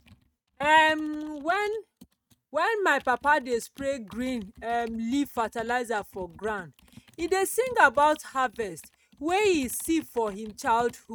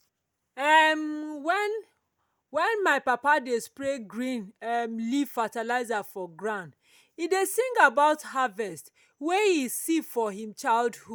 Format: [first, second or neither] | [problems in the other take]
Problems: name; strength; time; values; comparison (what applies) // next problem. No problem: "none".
second | noise reduction (neural mask model RNNoise)